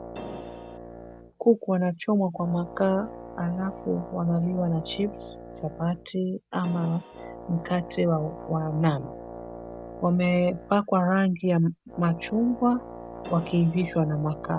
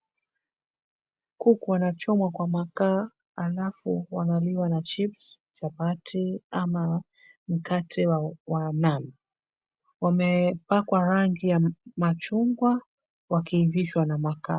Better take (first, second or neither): second